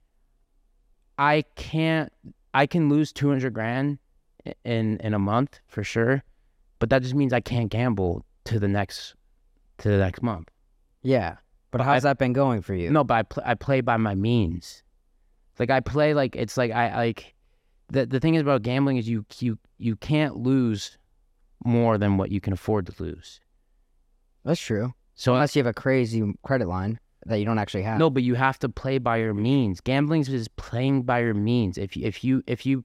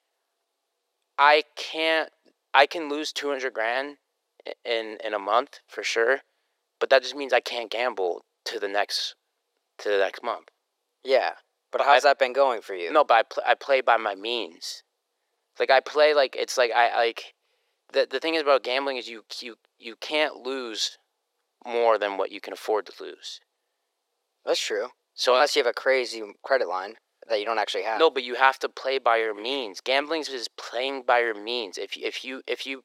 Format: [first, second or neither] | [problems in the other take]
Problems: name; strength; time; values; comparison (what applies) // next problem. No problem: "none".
first | thin; very; fading below 450 Hz